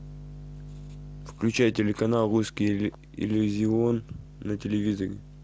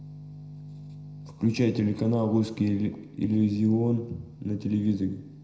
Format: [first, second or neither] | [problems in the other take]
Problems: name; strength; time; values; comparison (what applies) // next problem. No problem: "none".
first | room echo; dies away in 0.8 s